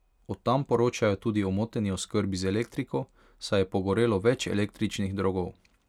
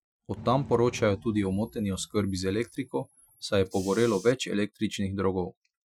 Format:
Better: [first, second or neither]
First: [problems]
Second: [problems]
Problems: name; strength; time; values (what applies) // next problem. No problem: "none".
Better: first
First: none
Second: noise reduction (classical method Wiener filter)